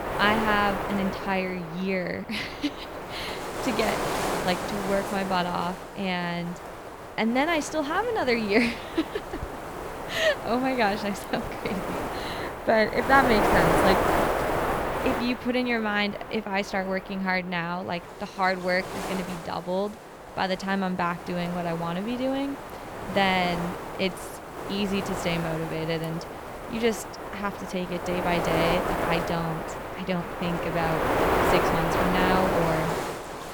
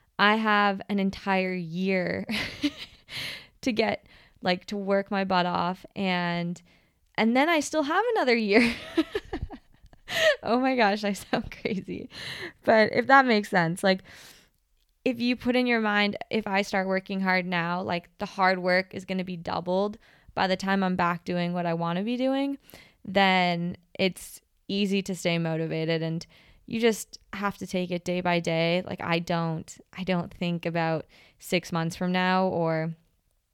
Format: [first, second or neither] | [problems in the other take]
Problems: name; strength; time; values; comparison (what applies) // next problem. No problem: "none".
second | wind noise on the microphone; heavy; 2 dB below the speech